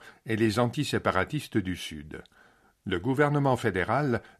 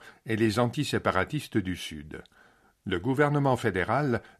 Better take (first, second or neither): neither